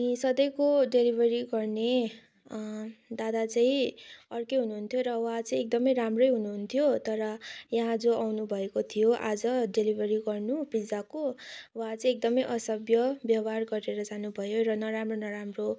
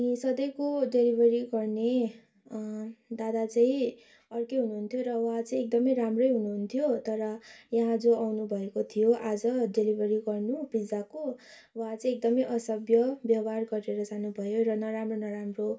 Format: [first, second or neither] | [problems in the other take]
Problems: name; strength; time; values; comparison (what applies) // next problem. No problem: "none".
first | room echo; dies away in 0.2 s